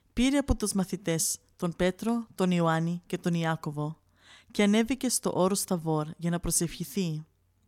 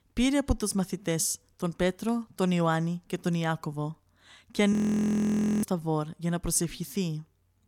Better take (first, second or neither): first